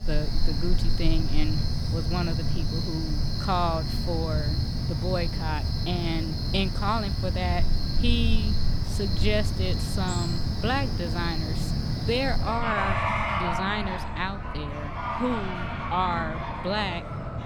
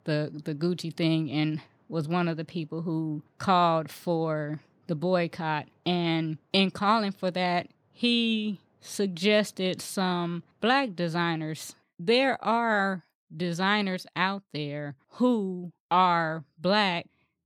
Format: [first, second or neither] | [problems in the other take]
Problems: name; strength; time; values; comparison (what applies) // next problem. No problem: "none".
second | animal sounds; very loud; throughout; 2 dB above the speech